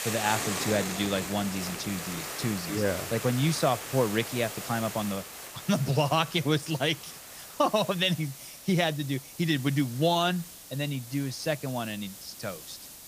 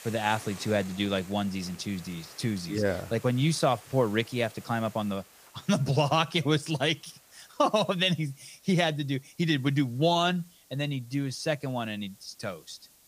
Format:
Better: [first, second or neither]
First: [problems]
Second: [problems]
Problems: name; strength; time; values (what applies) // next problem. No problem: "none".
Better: second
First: hiss; loud; throughout; 8 dB below the speech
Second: hiss; faint; throughout; 20 dB below the speech